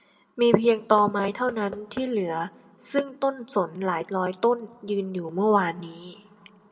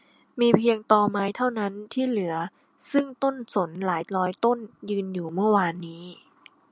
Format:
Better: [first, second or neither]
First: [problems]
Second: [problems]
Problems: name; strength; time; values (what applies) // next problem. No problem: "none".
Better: second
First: background sound (Knock / Wood); 19 dB below the speech // room echo; dies away in 0.4 s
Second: none